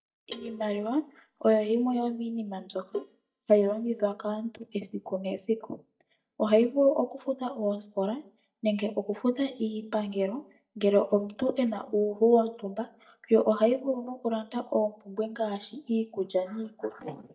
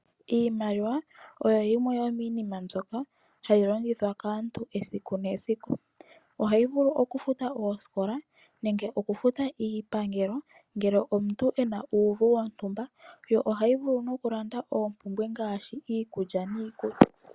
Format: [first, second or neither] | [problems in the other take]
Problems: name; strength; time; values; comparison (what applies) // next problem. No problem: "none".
second | noise reduction (neural mask model DeepFilterNet 3)